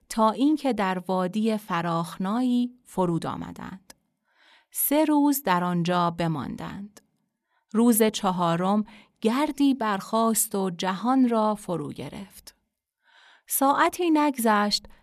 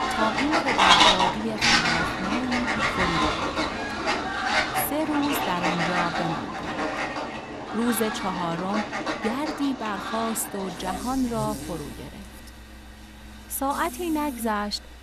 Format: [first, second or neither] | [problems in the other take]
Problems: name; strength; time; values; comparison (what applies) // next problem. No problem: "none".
first | animal sounds; very loud; throughout; 4 dB above the speech